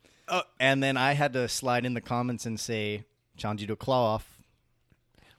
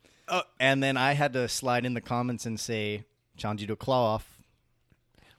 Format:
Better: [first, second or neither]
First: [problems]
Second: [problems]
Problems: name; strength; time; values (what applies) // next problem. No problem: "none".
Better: neither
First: none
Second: none